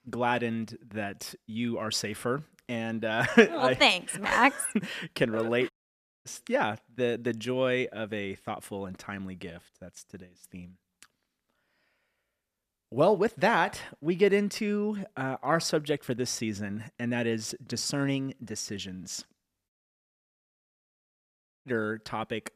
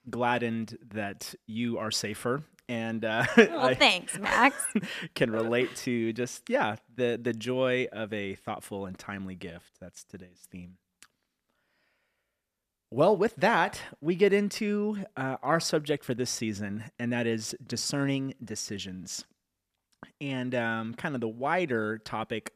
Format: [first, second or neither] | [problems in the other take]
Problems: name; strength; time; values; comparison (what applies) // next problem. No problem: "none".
second | audio cutting out; at 5.5 s for 0.5 s and at 20 s for 2 s